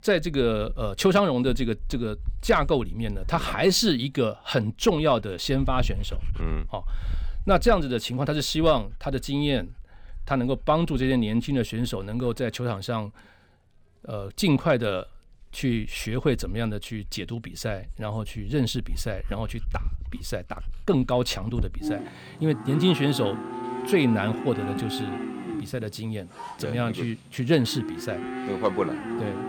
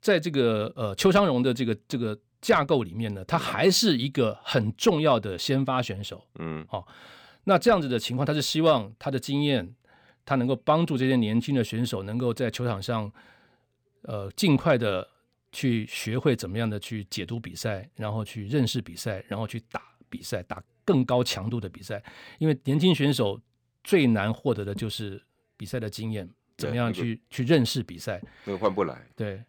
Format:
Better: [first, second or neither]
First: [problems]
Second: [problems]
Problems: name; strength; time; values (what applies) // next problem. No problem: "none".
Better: second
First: animal sounds; noticeable; throughout; 10 dB below the speech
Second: none